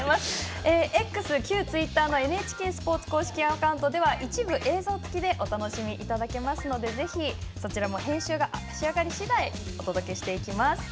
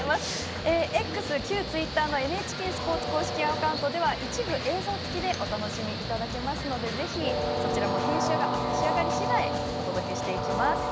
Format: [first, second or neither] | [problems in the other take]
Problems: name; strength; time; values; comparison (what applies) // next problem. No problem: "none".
first | background sound (Train); 1 dB below the speech